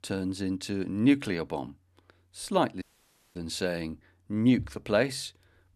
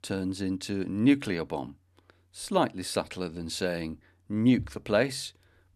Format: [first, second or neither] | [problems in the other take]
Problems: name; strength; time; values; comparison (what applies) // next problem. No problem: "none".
second | audio cutting out; at 3 s for 0.5 s